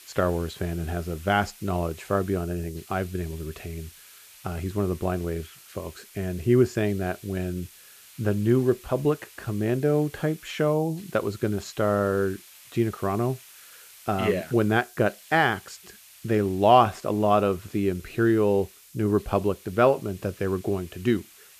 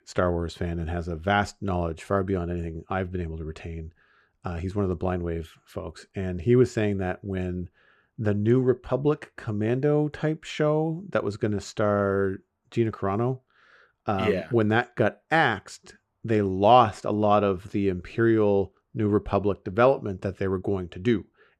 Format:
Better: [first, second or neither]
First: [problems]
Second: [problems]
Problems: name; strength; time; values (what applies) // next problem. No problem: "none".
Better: second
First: hiss; faint; throughout; 20 dB below the speech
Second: none